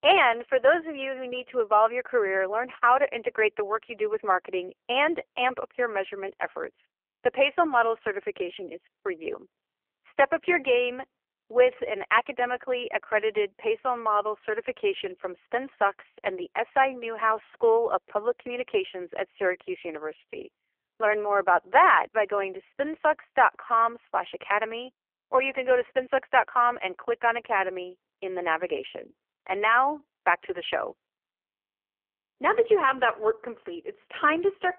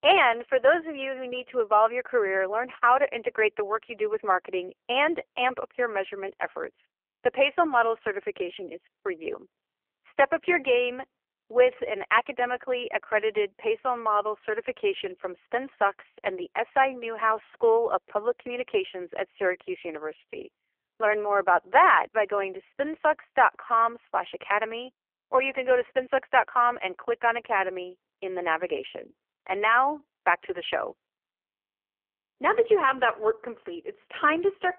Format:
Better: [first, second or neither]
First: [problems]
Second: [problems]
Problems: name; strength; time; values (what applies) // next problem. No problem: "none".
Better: neither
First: phone-call audio; poor line; nothing above 3 kHz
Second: phone-call audio; poor line; nothing above 3 kHz